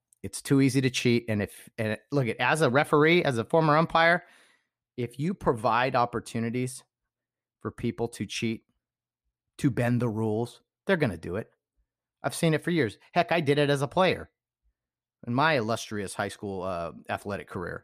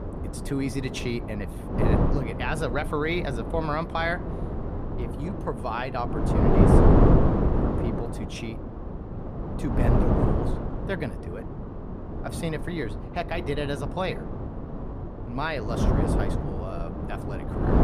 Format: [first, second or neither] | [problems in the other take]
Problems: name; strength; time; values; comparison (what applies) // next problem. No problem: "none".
first | wind noise on the microphone; heavy; as loud as the speech